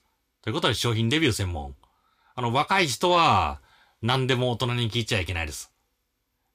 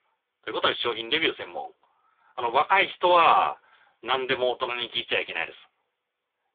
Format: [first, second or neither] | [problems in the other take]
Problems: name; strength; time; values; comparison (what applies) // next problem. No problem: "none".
first | phone-call audio; poor line; nothing above 3.5 kHz